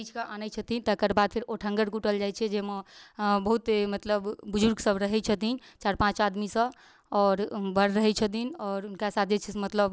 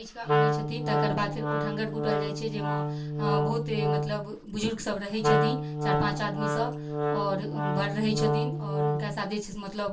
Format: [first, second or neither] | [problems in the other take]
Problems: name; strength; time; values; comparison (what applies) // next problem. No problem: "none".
first | background sound (Wind instrument, woodwind instrument); 4 dB above the speech // room echo; dies away in 0.2 s